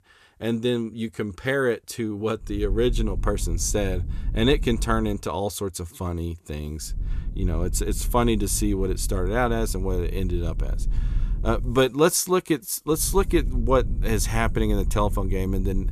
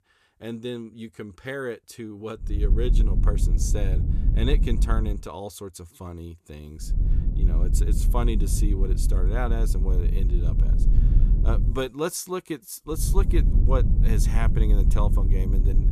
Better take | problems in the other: first | low rumble; loud; from 2.5 to 5 s, from 7 to 12 s and from 13 s on; 7 dB below the speech; faint in the first

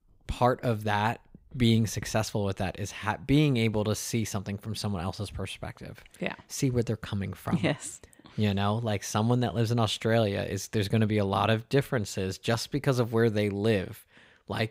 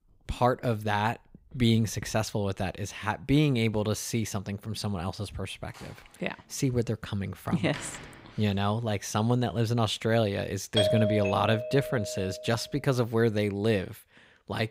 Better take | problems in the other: first | door banging; faint; from 5.5 to 8.5 s; peak 10 dB below the speech // doorbell; loud; from 11 to 12 s; peak 2 dB above the speech

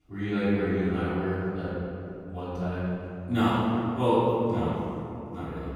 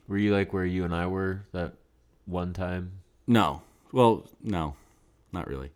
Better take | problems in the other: second | room echo; strong; dies away in 2.6 s // off-mic speech; far

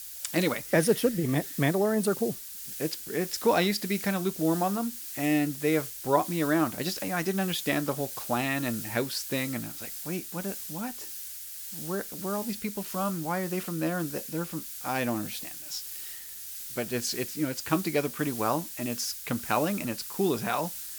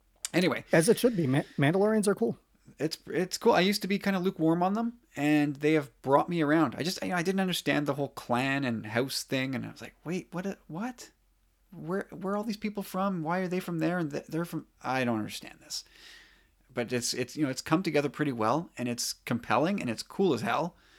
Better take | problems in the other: second | hiss; loud; throughout; 7 dB below the speech

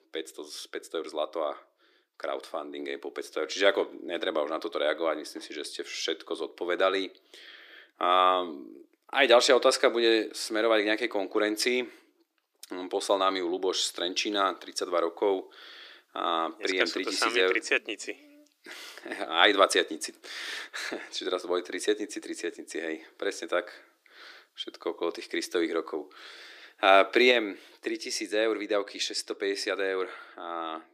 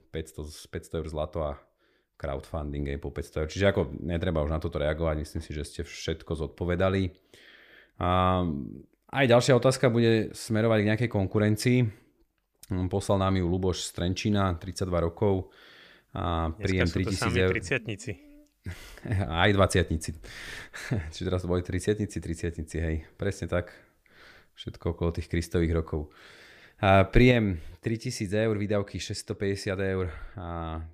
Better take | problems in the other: second | thin; very; fading below 300 Hz

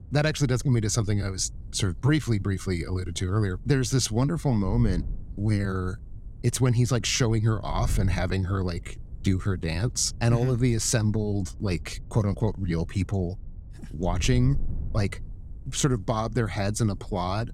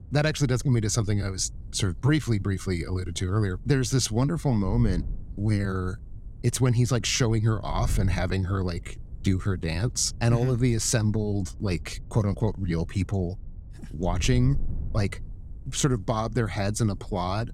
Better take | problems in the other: neither | wind noise on the microphone; occasional gusts; 25 dB below the speech; the same in both

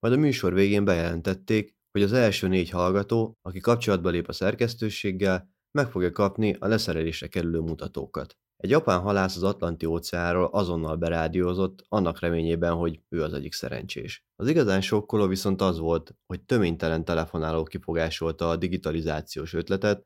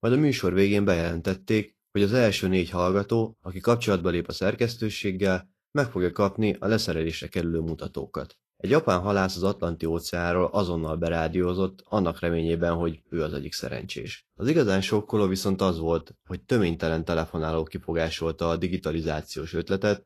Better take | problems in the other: first | garbled, watery; slightly; nothing above 13 kHz

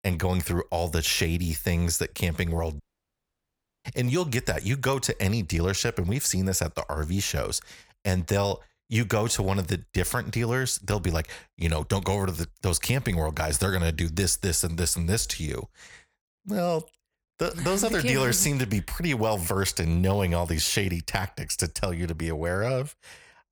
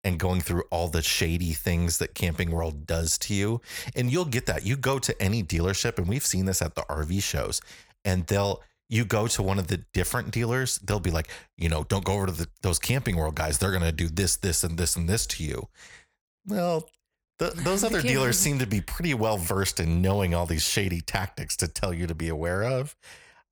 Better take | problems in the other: second | audio cutting out; at 3 s for 1 s

